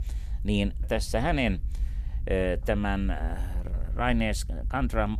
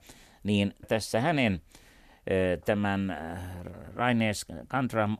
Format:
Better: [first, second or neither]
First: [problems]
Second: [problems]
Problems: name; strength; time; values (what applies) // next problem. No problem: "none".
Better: second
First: low rumble; faint; throughout; 25 dB below the speech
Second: none